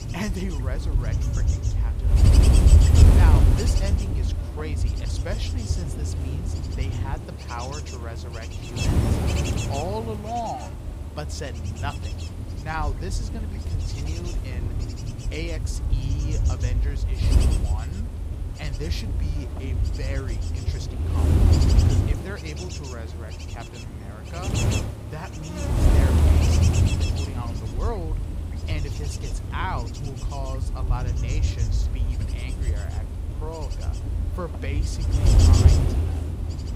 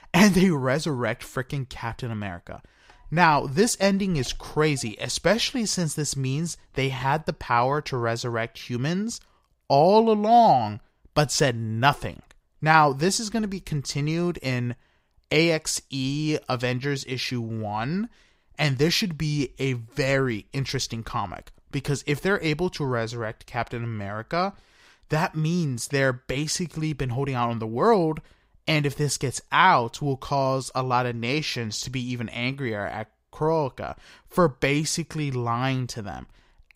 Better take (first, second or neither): second